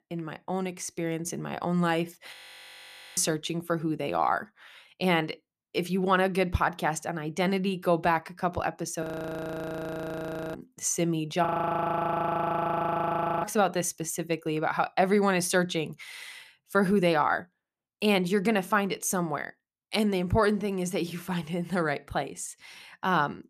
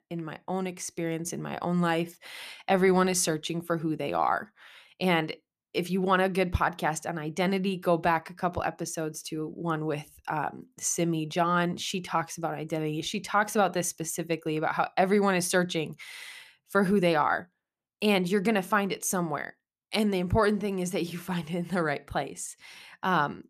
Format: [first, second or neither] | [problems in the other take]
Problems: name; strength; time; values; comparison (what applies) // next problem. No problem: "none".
second | audio freezing; at 2.5 s for 1 s, at 9 s for 1.5 s and at 11 s for 2 s